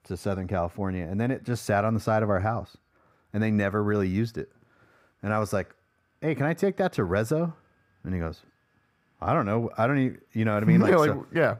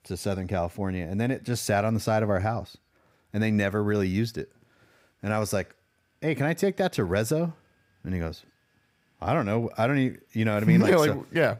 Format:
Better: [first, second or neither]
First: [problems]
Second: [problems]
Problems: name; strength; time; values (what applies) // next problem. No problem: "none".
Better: second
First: muffled; very slightly; fading above 2 kHz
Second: none